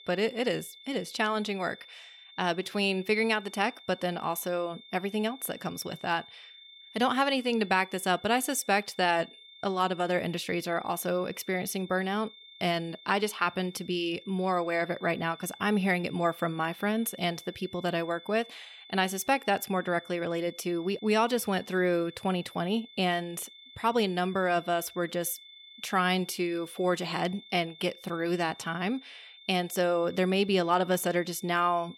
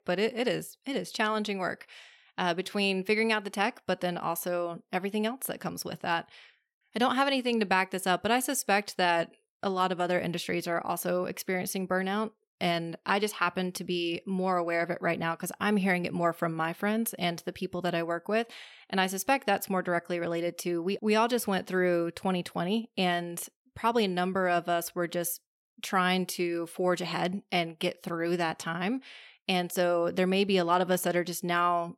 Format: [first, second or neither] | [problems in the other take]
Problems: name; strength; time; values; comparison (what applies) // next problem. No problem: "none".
second | high-pitched whine; noticeable; throughout; 3.5 kHz, 20 dB below the speech